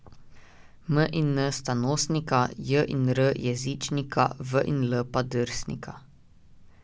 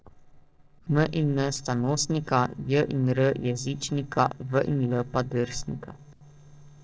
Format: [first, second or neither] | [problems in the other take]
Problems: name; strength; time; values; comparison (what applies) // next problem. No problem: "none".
first | noise reduction (neural separator model SepFormer DNS4)